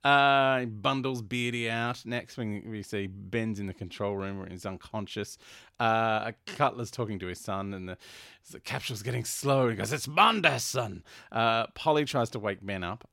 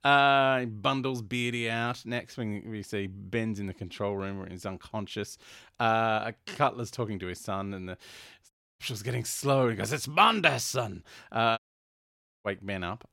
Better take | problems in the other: first | audio cutting out; at 8.5 s and at 12 s for 1 s

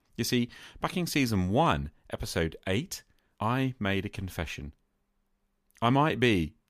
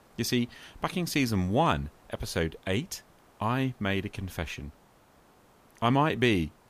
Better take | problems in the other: first | hiss; faint; throughout; 30 dB below the speech

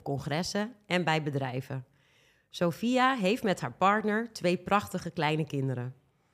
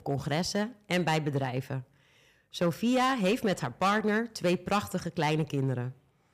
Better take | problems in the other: first | distortion; slight; 5% of the sound clipped

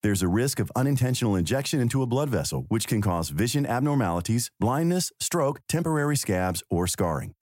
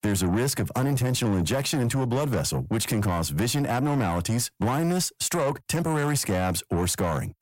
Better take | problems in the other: first | distortion; slight; 10 dB below the speech

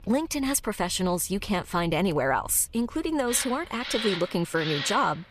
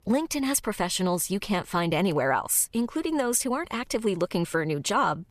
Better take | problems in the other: second | machinery noise; loud; throughout; 7 dB below the speech

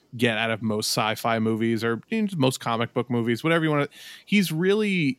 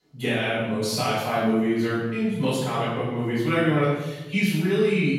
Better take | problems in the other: first | off-mic speech; far // room echo; strong; dies away in 1.1 s

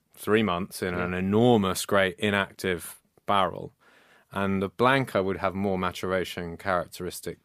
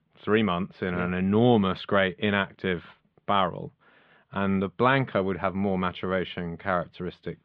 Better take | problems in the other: first | muffled; very; fading above 3.5 kHz

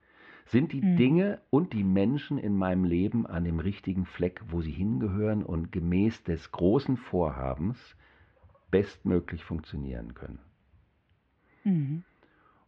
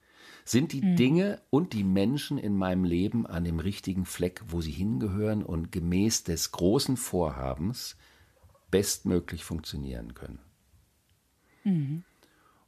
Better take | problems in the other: second | muffled; very; fading above 2.5 kHz

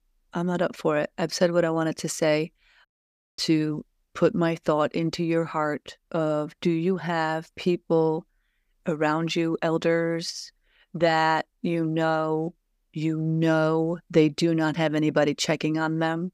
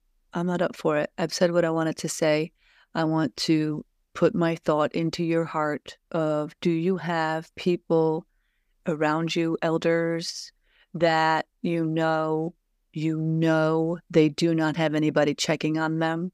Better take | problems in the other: second | audio cutting out; at 3 s for 0.5 s

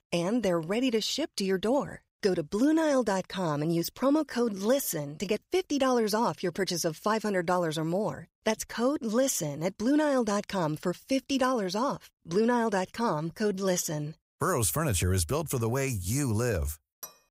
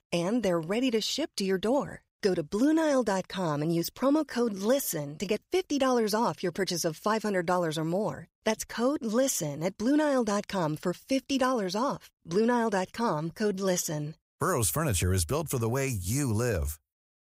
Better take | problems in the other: second | clattering dishes; faint; at 17 s; peak 15 dB below the speech

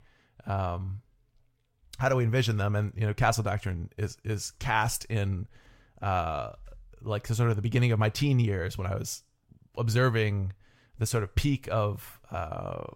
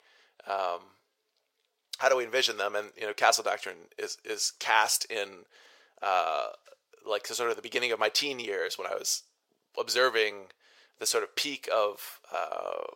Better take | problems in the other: first | thin; very; fading below 450 Hz

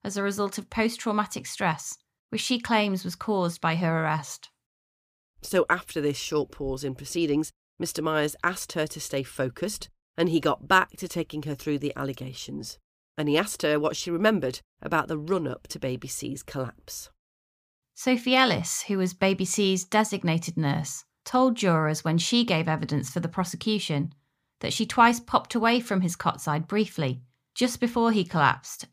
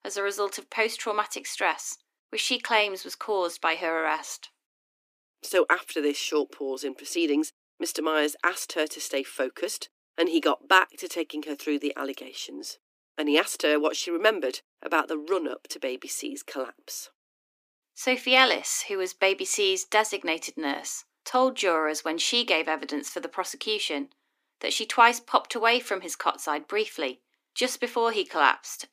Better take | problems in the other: first | thin; somewhat; fading below 300 Hz

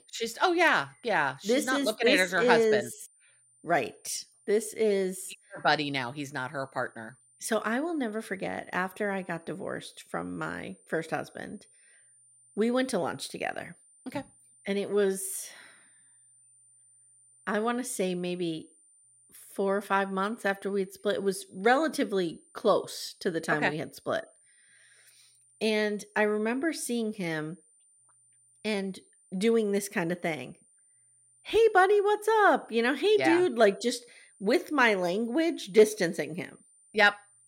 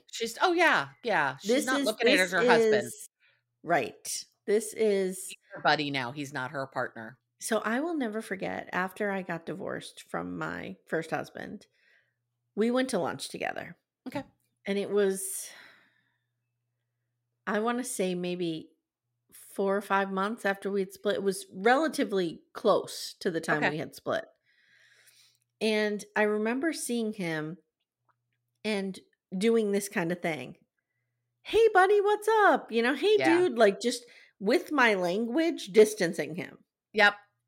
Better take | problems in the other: second | high-pitched whine; faint; throughout; 9 kHz, 30 dB below the speech

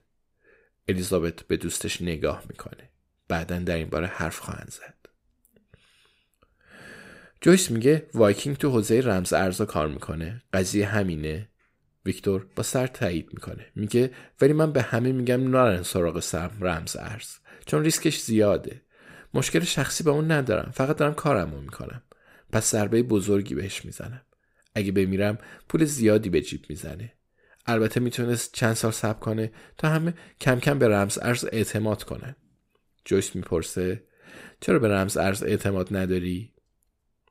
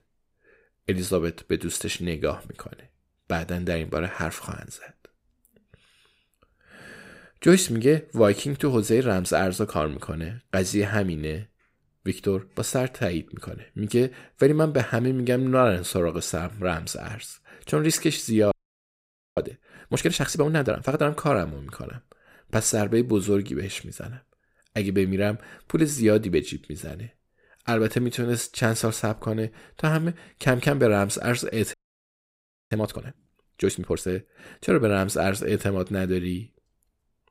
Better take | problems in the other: first | audio freezing; at 19 s for 1 s and at 32 s for 1 s

